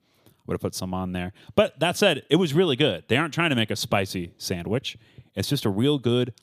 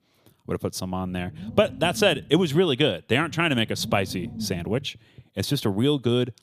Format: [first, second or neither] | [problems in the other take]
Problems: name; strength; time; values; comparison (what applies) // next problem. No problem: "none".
first | low rumble; faint; from 1 to 5 s; 20 dB below the speech